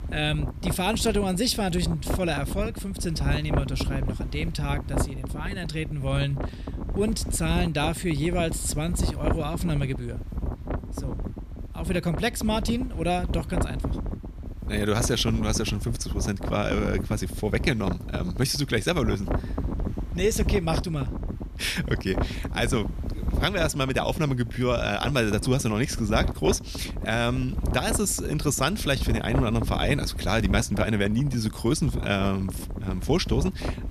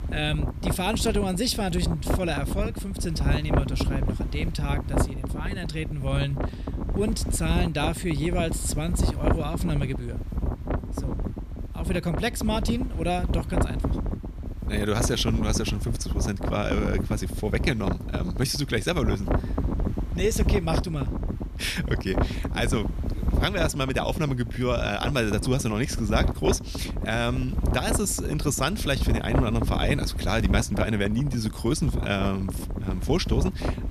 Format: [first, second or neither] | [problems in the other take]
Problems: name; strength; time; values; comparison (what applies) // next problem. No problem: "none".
first | wind noise on the microphone; heavy; 7 dB below the speech; occasional gusts in the first